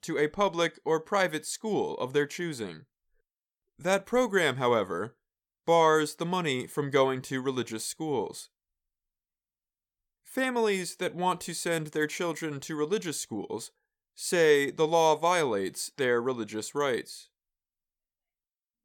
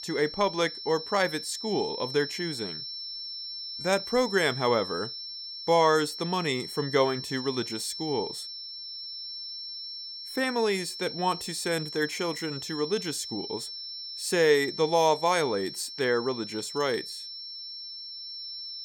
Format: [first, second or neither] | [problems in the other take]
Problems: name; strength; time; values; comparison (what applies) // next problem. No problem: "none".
first | high-pitched whine; loud; throughout; 5.5 kHz, 8 dB below the speech